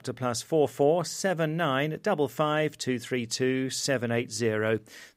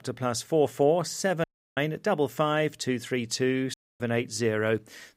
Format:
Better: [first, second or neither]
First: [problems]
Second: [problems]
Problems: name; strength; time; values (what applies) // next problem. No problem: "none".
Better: first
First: none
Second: audio cutting out; at 1.5 s and at 3.5 s